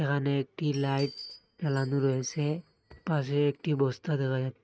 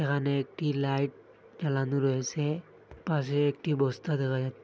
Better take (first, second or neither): second